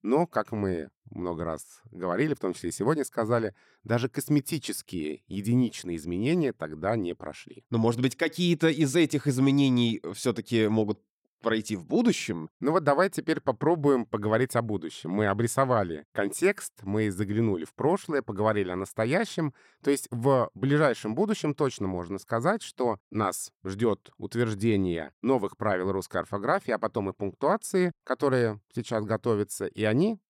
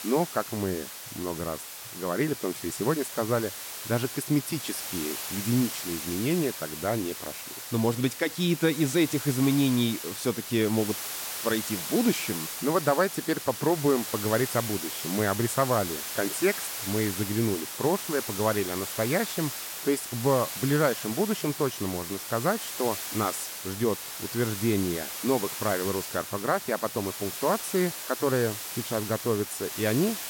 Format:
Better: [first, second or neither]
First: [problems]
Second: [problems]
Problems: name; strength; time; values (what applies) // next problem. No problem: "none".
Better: first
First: none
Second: hiss; loud; throughout; 5 dB below the speech